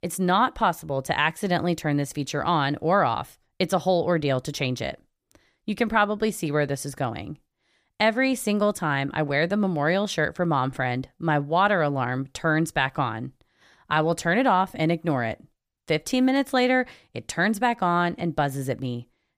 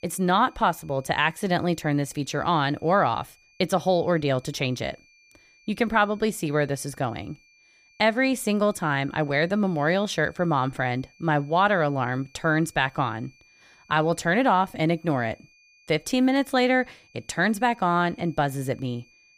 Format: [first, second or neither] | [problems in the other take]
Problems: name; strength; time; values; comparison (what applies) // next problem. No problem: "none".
first | high-pitched whine; faint; throughout; 2.5 kHz, 30 dB below the speech